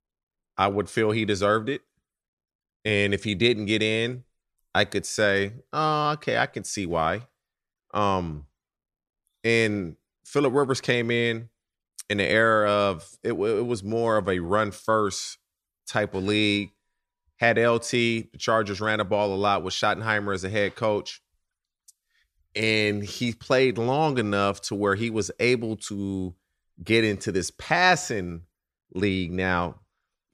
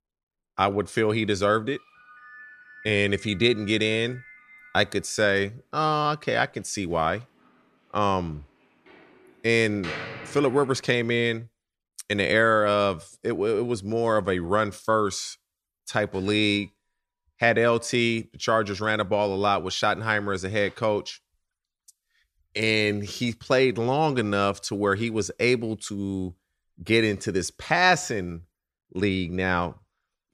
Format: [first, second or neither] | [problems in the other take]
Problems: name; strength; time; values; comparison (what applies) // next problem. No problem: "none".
first | door banging; noticeable; from 2 to 11 s; peak 9 dB below the speech